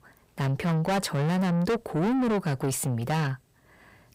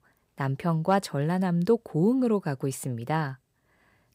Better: second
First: distortion; heavy; 6 dB below the speech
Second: none

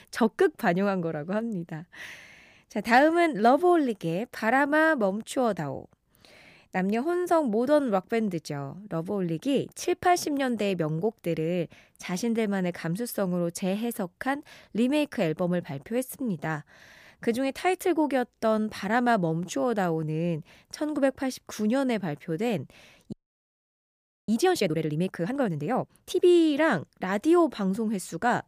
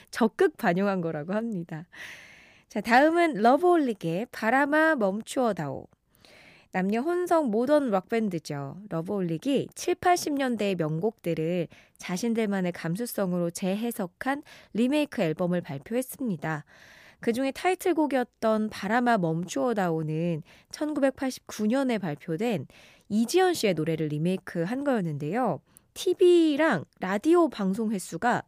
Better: second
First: audio freezing; at 23 s for 1 s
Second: none

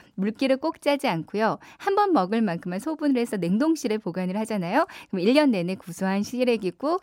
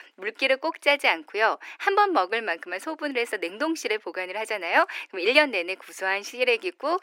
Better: first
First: none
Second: thin; very; fading below 350 Hz

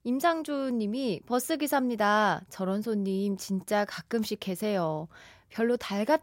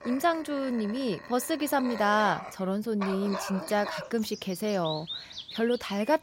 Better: first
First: none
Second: animal sounds; noticeable; throughout; 10 dB below the speech

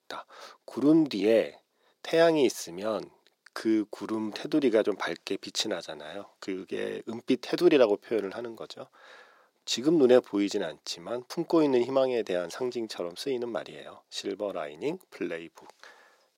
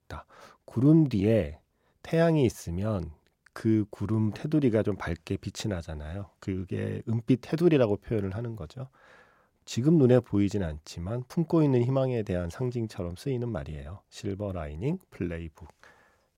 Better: second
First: thin; somewhat; fading below 300 Hz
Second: none

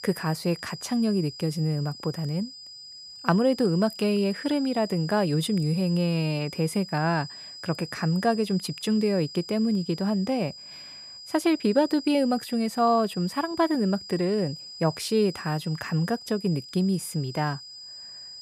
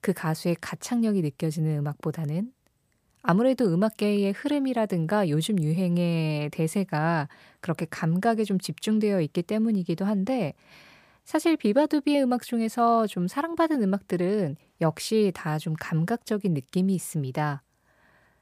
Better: second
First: high-pitched whine; noticeable; throughout; 5 kHz, 15 dB below the speech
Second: none

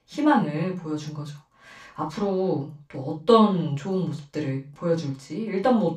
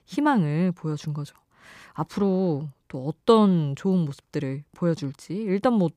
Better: second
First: room echo; slight; dies away in 0.2 s // off-mic speech; far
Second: none

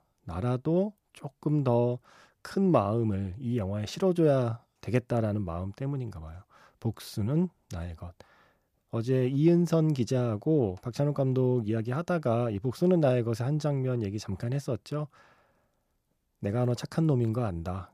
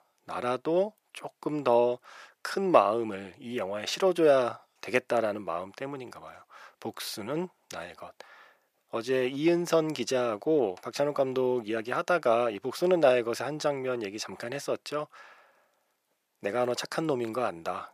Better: first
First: none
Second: thin; very; fading below 500 Hz

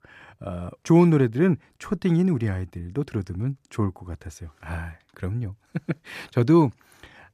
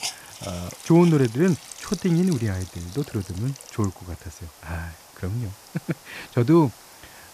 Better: first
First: none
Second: hiss; noticeable; throughout; 15 dB below the speech

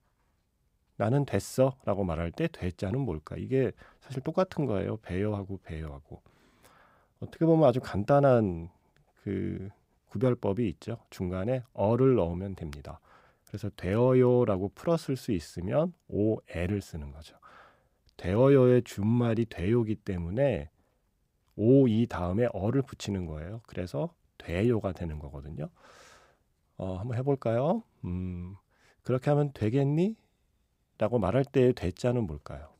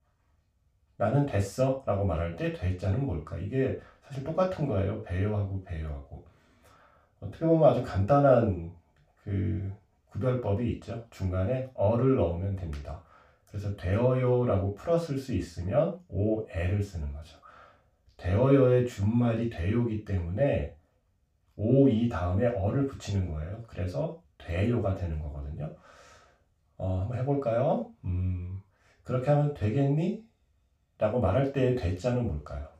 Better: first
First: none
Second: room echo; noticeable; dies away in 0.3 s // off-mic speech; far

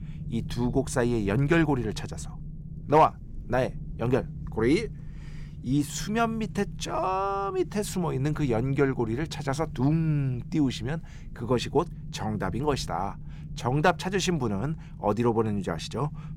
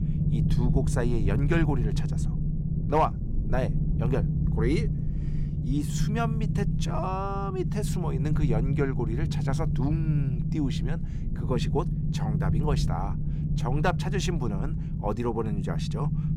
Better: first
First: low rumble; faint; throughout; 20 dB below the speech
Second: low rumble; loud; throughout; 6 dB below the speech

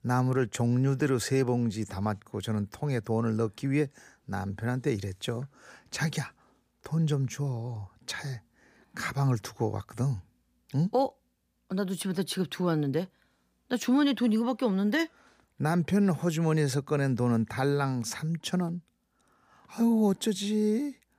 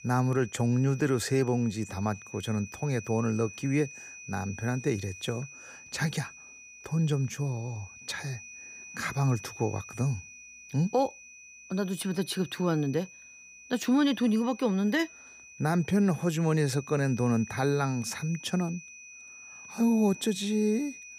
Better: first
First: none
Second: high-pitched whine; noticeable; throughout; 2.5 kHz, 15 dB below the speech

